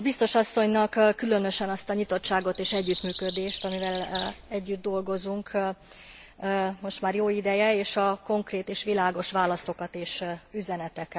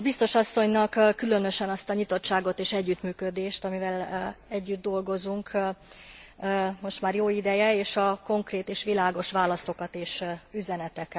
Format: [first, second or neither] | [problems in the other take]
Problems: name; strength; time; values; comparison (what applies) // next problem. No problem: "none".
second | background sound (Bird vocalization, bird call, bird song); 13 dB below the speech